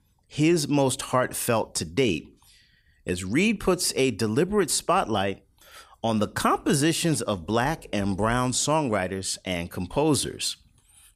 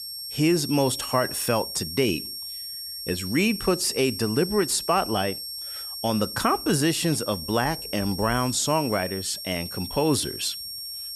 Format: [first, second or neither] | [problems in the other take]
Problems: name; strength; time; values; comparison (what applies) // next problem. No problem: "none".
first | high-pitched whine; loud; throughout; 5.5 kHz, 7 dB below the speech